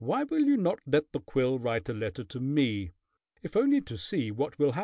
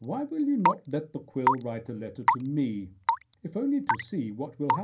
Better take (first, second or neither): first